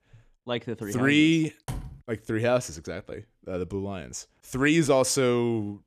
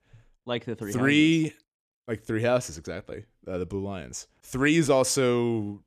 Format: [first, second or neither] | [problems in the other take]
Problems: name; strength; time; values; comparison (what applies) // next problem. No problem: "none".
second | door banging; faint; at 1.5 s; peak 15 dB below the speech